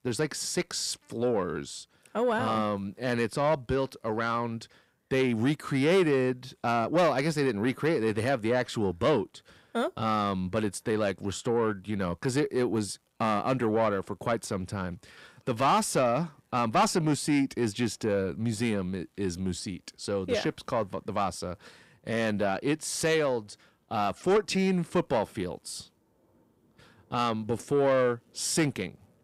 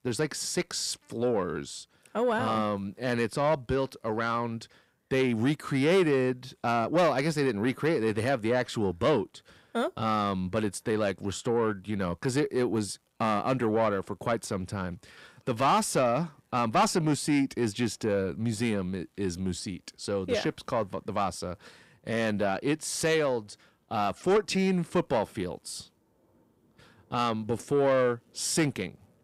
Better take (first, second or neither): neither